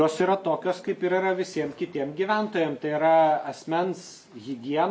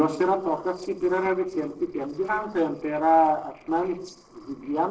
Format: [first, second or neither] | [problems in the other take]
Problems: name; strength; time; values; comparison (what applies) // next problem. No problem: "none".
first | noise reduction (neural separator model SepFormer DNS4)